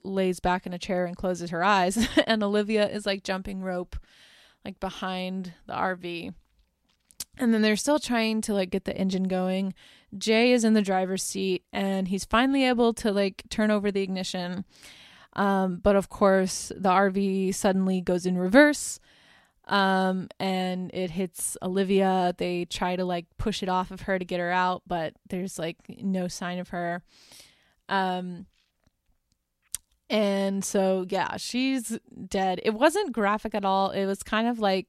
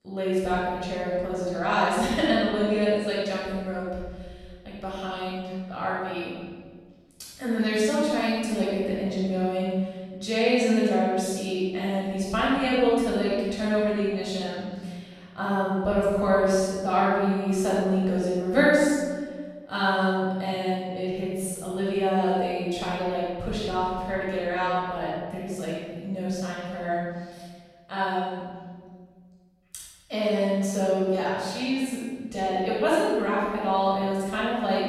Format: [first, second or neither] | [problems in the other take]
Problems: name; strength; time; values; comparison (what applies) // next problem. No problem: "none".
first | off-mic speech; far // room echo; strong; dies away in 1.5 s